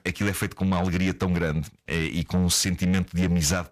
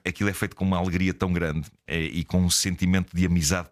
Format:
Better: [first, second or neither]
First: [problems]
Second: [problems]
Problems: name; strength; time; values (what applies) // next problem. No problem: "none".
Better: second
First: distortion; slight; 10 dB below the speech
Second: none